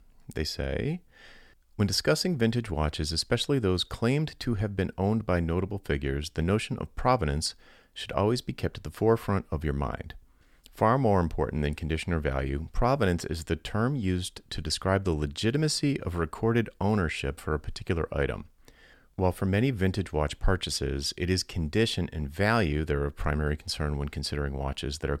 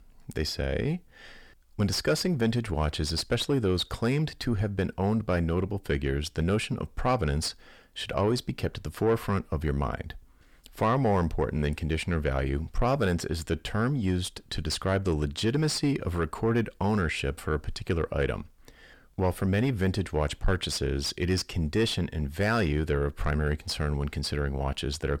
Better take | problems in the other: first | distortion; slight; 10 dB below the speech

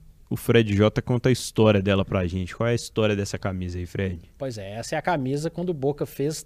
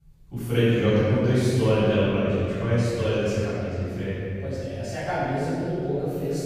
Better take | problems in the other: first | room echo; strong; dies away in 2.3 s // off-mic speech; far

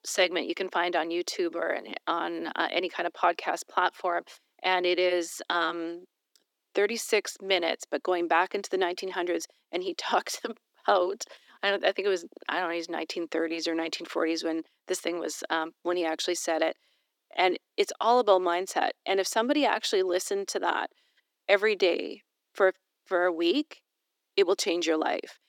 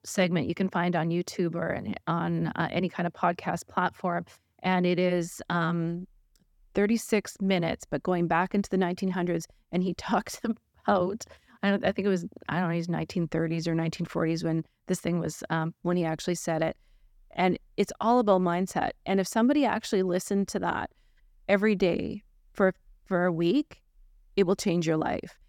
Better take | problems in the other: second | thin; very; fading below 300 Hz

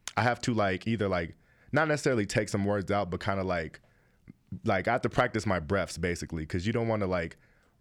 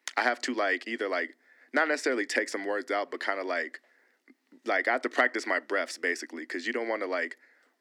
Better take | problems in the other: first | thin; somewhat; fading below 250 Hz

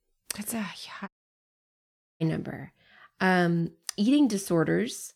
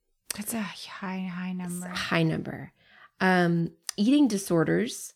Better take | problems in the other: second | audio cutting out; at 1 s for 1 s

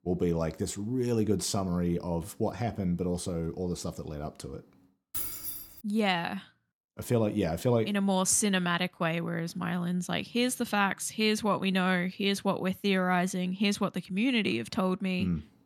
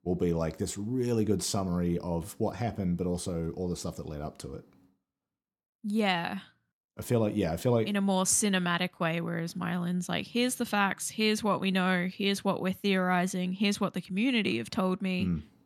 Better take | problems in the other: second | jangling keys; noticeable; at 5 s; peak 3 dB below the speech

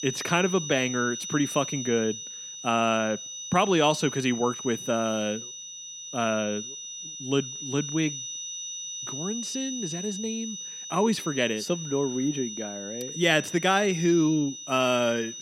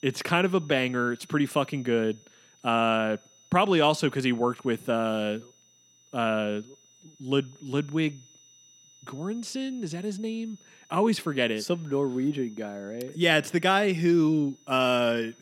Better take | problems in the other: second | high-pitched whine; loud; throughout; 6 kHz, 8 dB below the speech; faint in the second

